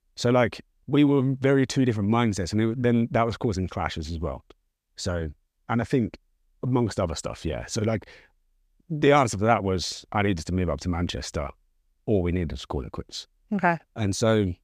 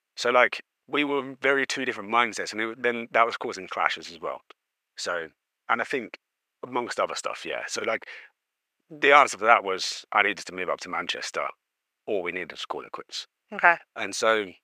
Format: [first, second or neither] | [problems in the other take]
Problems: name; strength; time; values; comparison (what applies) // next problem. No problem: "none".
first | thin; very; fading below 550 Hz